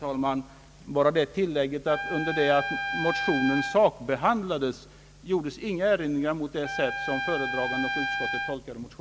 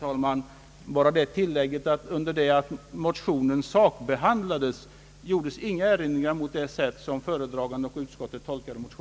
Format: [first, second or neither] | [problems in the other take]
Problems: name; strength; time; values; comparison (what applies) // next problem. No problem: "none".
second | background sound (Trumpet); 6 dB below the speech